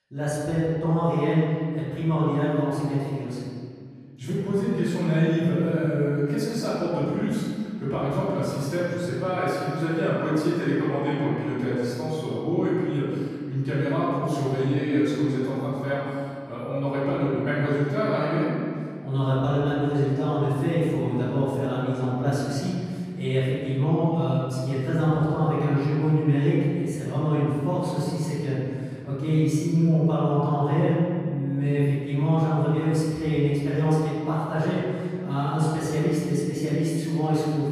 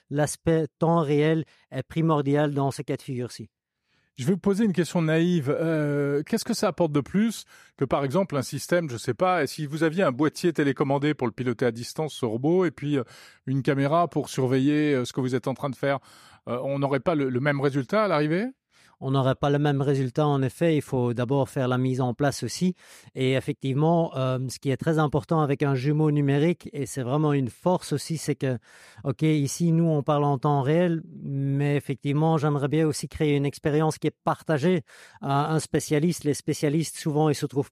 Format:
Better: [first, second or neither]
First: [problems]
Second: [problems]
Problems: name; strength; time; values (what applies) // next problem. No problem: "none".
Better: second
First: room echo; strong; dies away in 2 s // off-mic speech; far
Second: none